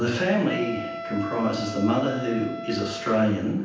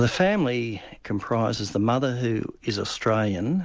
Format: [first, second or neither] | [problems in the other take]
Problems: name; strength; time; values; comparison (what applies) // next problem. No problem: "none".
second | background sound (Wind instrument, woodwind instrument); 11 dB below the speech // room echo; dies away in 0.9 s